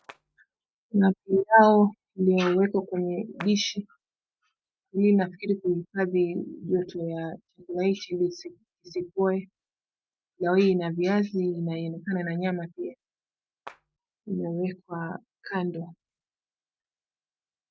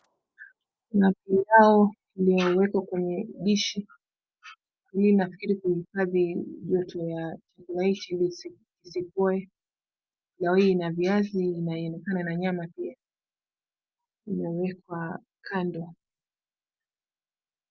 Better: second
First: noise reduction (neural mask model RNNoise)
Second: none

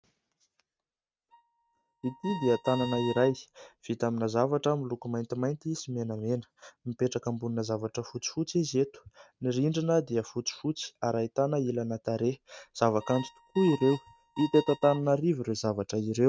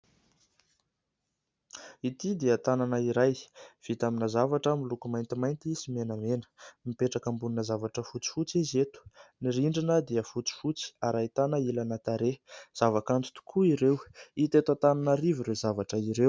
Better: second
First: noise reduction (neural mask model RNNoise)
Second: none

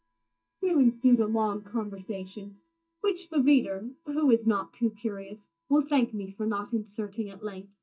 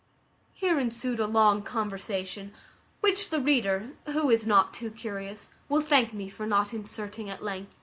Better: second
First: noise reduction (neural mask model DeepFilterNet 3)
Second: none

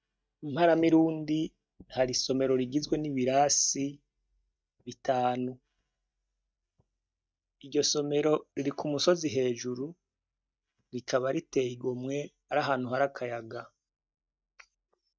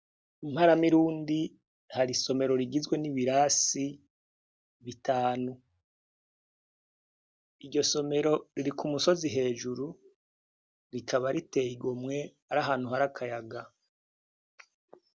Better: second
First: noise reduction (neural mask model DeepFilterNet 3)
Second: none

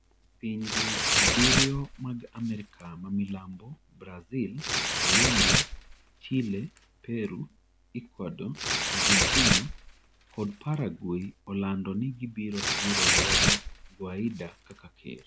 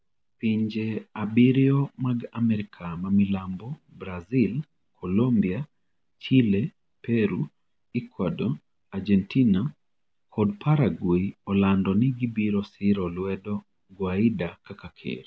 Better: second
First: background sound (Tearing); 4 dB above the speech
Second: none

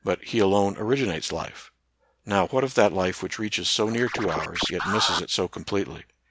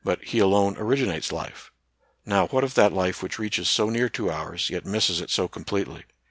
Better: second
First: background sound (Scratching (performance technique)); 5 dB below the speech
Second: none

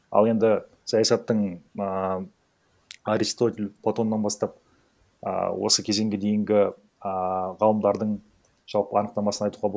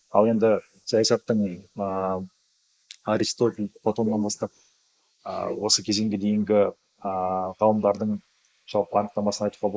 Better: first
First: none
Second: noise reduction (neural mask model Resemble Enhance denoiser)

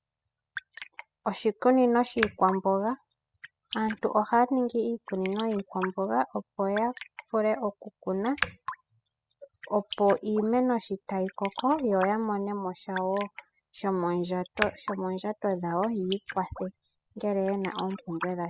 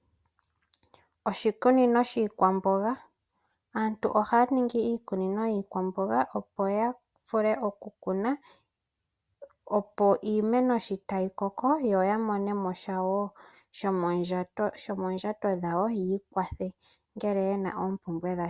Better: second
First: noise reduction (classical method spectral subtraction)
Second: none

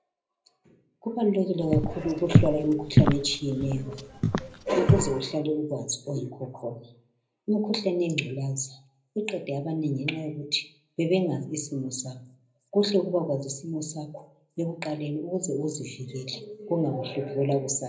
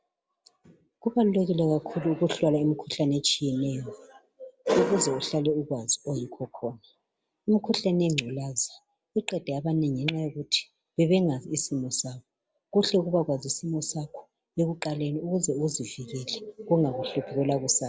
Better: second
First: background sound (Walk, footsteps); 4 dB above the speech // room echo; dies away in 0.5 s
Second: none

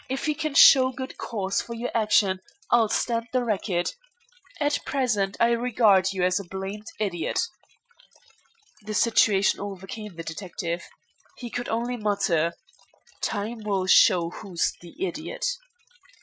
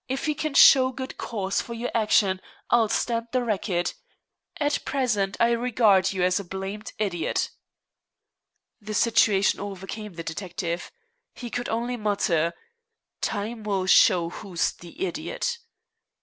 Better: second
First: noise reduction (classical method Wiener filter)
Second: none

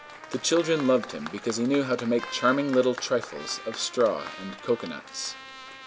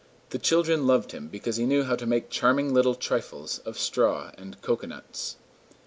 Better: second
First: background sound (Applause + Trumpet); 14 dB below the speech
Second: none

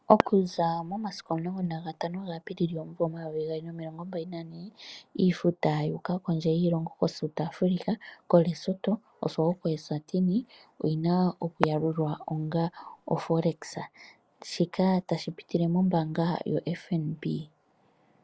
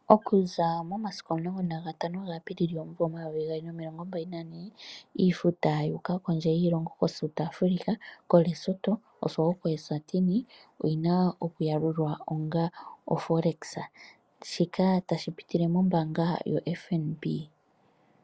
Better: second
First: background sound (Fireworks); 10 dB below the speech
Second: none

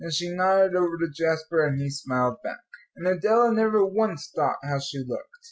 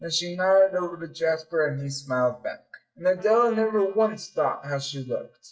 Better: first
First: none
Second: noise reduction (neural mask model DeepFilterNet 3)

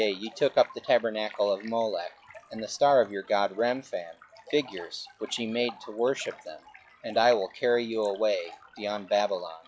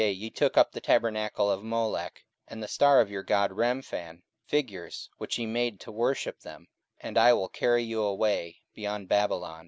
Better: second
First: noise reduction (classical method log-MMSE)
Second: none

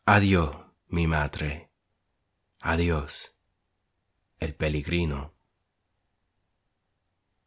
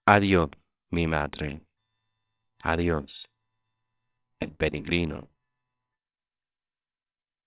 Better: first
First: none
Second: noise reduction (neural separator model SepFormer WHAMR!)

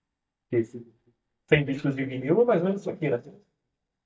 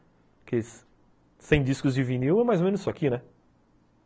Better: second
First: noise reduction (neural mask model DeepFilterNet 3)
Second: none

